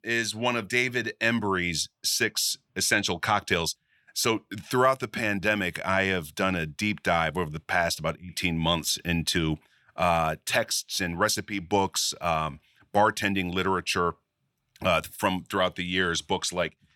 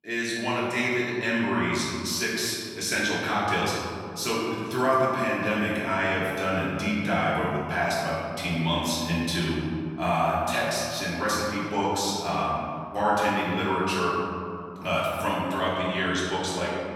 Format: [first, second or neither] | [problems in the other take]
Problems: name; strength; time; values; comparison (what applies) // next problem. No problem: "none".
first | room echo; strong; dies away in 2.3 s // off-mic speech; far